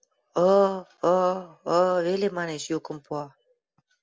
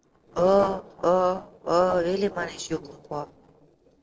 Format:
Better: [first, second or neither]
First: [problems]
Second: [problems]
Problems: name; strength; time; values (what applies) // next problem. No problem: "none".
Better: first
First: none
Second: noise reduction (neural separator model SepFormer DNS4)